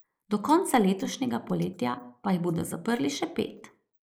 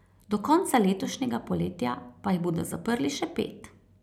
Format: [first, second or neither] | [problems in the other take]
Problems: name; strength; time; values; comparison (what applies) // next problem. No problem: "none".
second | noise reduction (neural mask model Resemble Enhance denoiser)